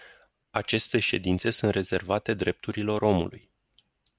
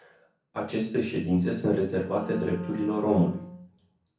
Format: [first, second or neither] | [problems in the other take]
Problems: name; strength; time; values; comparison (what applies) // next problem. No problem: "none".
first | background sound (Wind instrument, woodwind instrument); 14 dB below the speech // room echo; dies away in 0.6 s